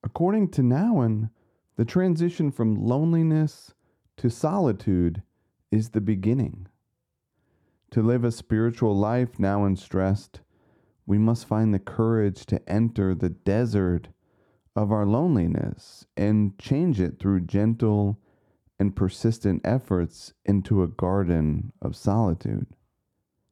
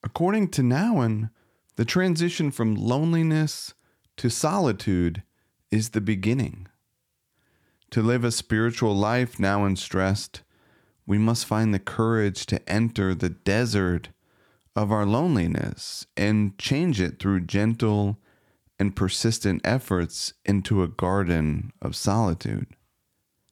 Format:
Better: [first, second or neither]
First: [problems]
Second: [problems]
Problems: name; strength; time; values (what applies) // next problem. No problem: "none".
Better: second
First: muffled; slightly; fading above 1.5 kHz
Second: none